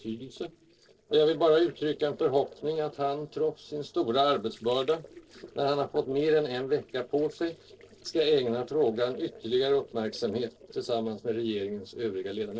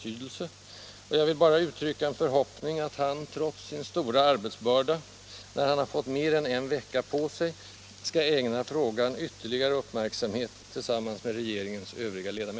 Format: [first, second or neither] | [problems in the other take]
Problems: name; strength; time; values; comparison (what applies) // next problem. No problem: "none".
second | noise reduction (neural separator model SepFormer DNS4)